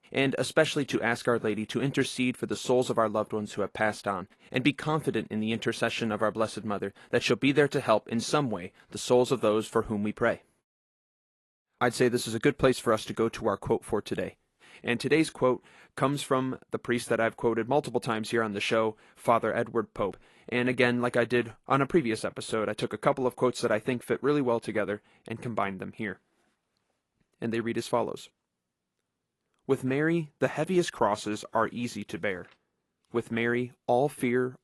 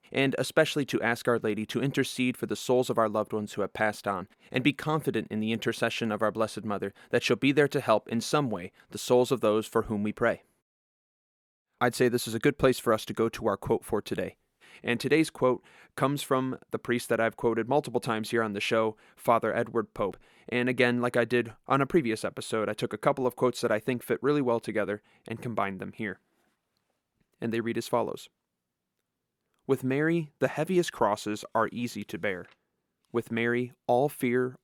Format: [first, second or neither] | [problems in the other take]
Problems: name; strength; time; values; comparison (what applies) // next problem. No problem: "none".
second | garbled, watery; slightly; nothing above 11.5 kHz